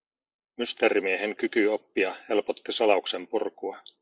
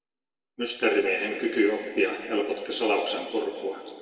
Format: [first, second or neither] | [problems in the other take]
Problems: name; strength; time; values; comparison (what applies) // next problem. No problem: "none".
first | room echo; dies away in 2.2 s